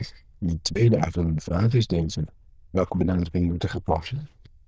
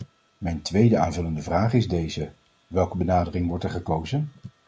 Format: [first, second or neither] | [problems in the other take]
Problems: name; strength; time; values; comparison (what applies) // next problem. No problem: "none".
second | noise reduction (neural diffusion model UNIVERSE++)